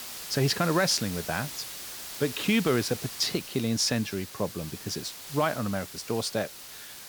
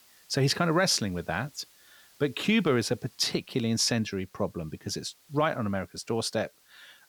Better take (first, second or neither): second